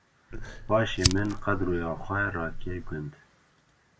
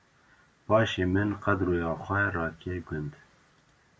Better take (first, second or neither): second